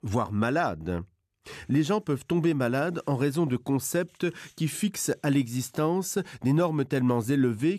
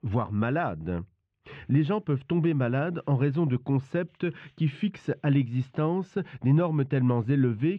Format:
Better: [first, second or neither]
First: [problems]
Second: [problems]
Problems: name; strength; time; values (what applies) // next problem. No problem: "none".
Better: first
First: none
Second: muffled; very; fading above 3 kHz